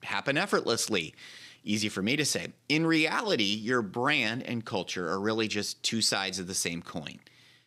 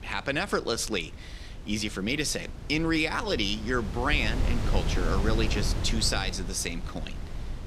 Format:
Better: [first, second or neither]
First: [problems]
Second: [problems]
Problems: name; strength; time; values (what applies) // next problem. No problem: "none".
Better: first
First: none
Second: wind noise on the microphone; occasional gusts; 10 dB below the speech